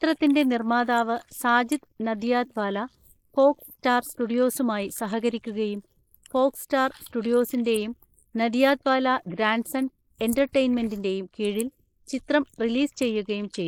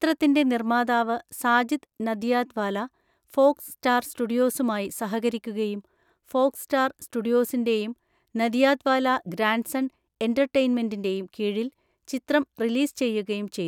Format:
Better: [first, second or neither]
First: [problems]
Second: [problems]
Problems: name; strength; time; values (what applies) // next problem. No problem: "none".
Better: second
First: noise reduction (neural mask model Resemble Enhance denoiser)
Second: none